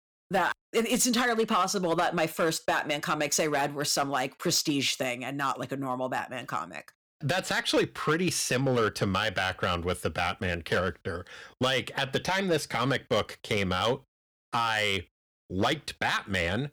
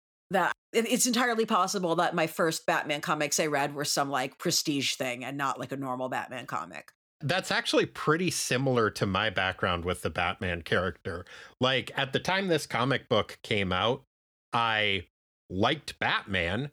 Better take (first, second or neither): second